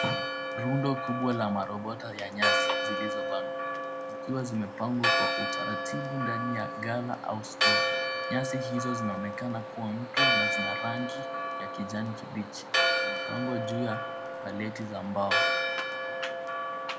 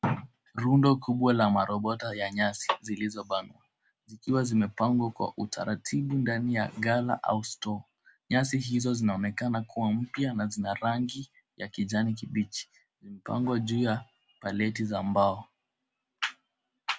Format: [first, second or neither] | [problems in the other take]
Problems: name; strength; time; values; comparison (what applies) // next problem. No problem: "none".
second | background sound (Church bell); 3 dB above the speech // room echo; dies away in 1 s